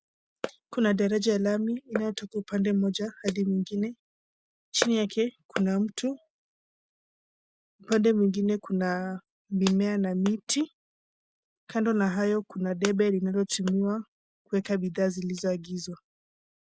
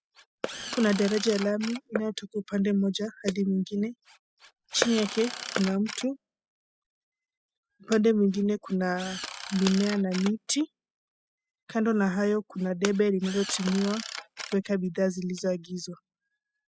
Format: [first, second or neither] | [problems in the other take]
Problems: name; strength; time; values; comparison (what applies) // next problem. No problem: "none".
first | noise reduction (classical method spectral subtraction)